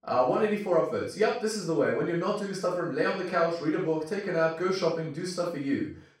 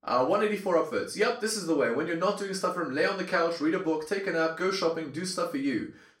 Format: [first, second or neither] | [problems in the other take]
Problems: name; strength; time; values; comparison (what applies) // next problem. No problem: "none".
second | room echo; strong; dies away in 0.4 s; slight in the second // off-mic speech; far; far in the second